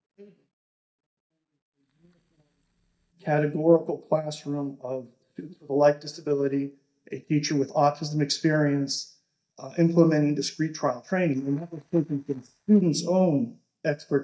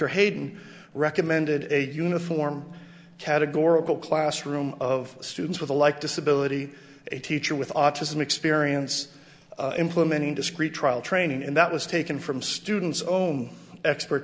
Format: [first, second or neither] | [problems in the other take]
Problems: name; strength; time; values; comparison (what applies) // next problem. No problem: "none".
second | noise reduction (neural mask model DeepFilterNet 3)